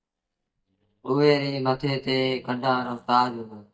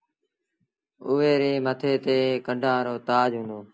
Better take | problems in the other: second | noise reduction (neural mask model DeepFilterNet 3)

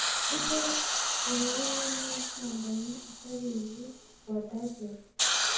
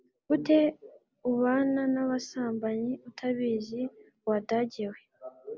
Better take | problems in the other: second | background sound (Hiss); 4 dB above the speech // room echo; dies away in 0.6 s

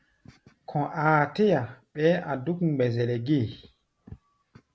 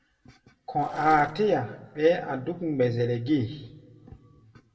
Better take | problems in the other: first | background sound (Engine / Mechanisms); 15 dB below the speech // room echo; dies away in 1.4 s

